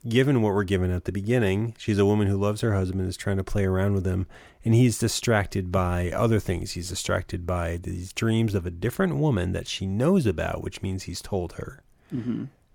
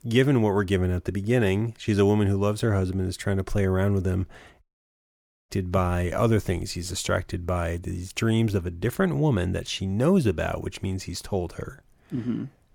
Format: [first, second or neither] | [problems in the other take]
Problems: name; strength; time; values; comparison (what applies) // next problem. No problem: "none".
first | audio cutting out; at 4.5 s for 1 s